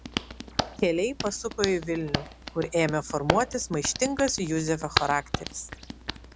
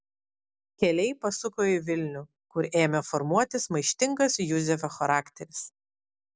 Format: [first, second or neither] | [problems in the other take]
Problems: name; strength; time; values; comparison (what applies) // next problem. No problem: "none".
second | background sound (Hands); 5 dB below the speech